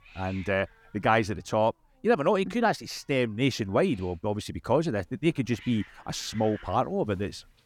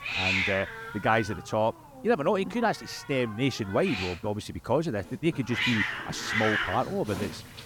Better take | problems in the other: first | hiss; loud; throughout; 1 dB below the speech; faint in the first

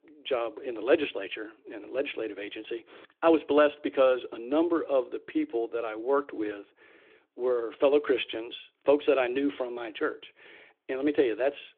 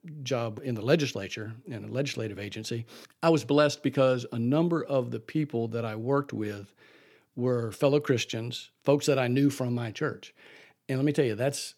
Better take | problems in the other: second | phone-call audio; nothing above 3.5 kHz

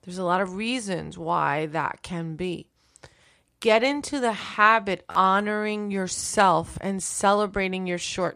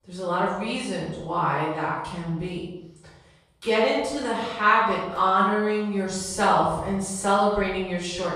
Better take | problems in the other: first | off-mic speech; far // room echo; noticeable; dies away in 0.8 s

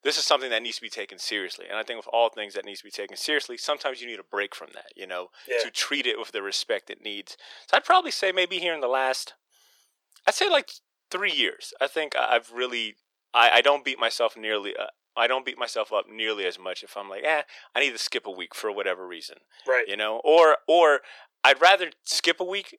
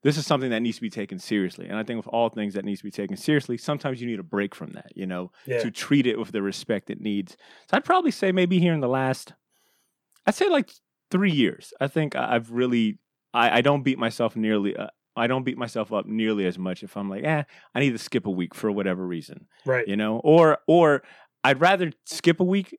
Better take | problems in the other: second | thin; very; fading below 450 Hz

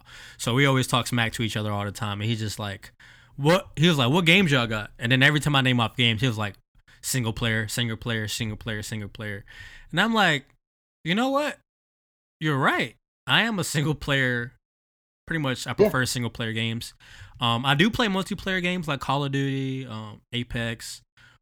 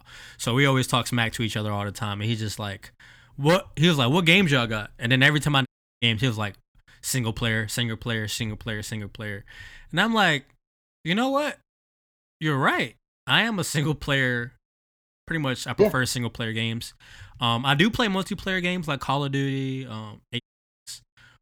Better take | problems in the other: first | audio cutting out; at 5.5 s and at 20 s

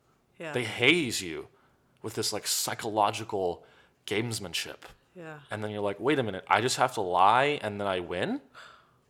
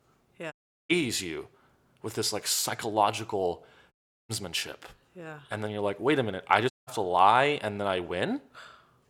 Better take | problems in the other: first | audio cutting out; at 0.5 s, at 4 s and at 6.5 s

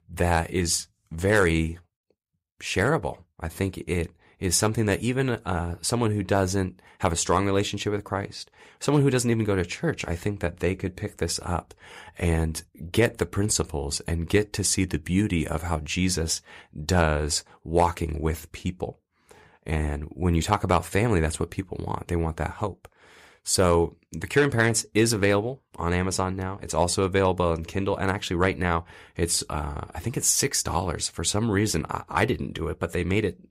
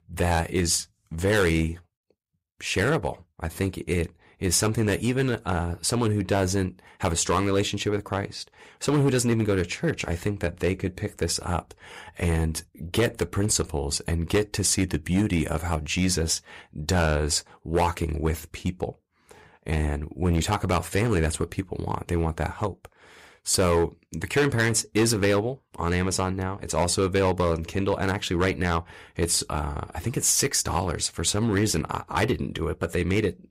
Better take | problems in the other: first | distortion; slight; 4% of the sound clipped

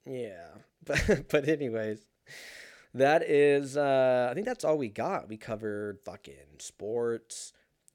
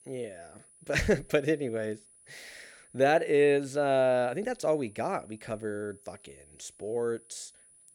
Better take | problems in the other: first | high-pitched whine; faint; throughout; 10 kHz, 25 dB below the speech

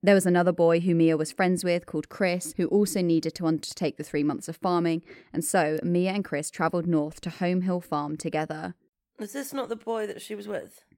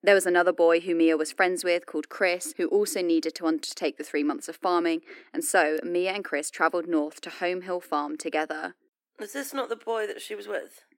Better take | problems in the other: first | thin; somewhat; fading below 250 Hz

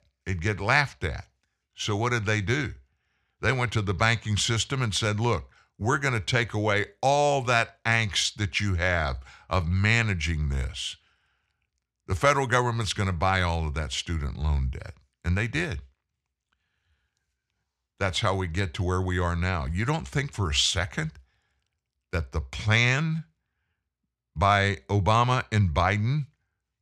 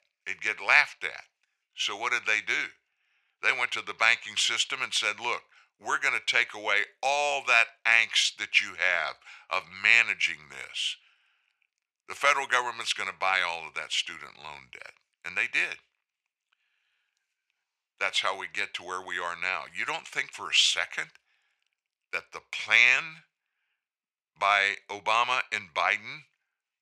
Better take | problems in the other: first | thin; very; fading below 700 Hz

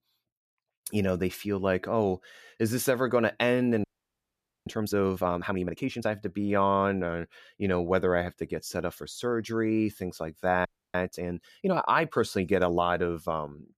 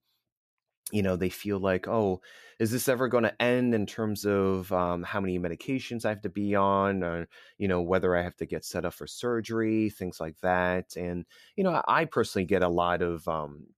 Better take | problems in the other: second | audio freezing; at 4 s for 1 s and at 11 s

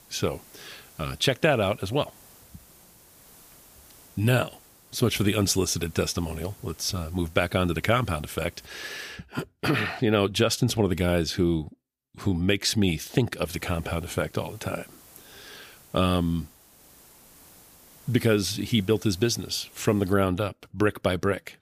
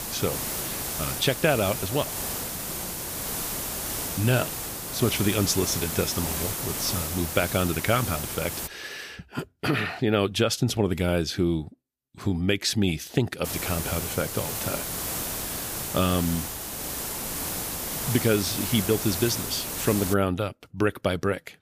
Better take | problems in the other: first | hiss; loud; until 8.5 s and from 13 to 20 s; 3 dB below the speech; faint in the first

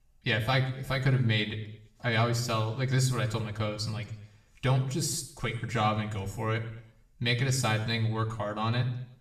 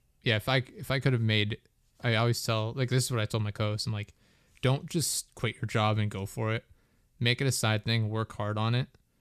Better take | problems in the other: second | room echo; slight; dies away in 0.7 s // off-mic speech; somewhat distant

